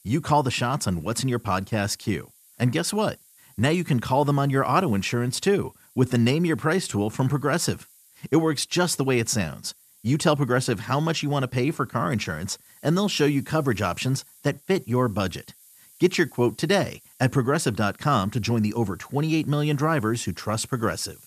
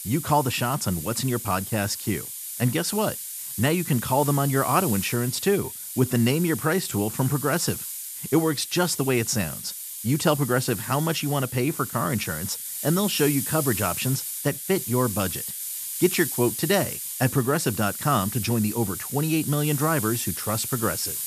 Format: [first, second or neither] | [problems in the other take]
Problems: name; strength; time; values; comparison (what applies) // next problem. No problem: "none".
first | hiss; loud; throughout; 6 dB below the speech; faint in the first